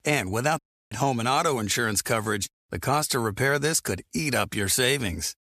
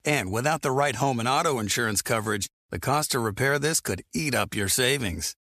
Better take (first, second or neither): second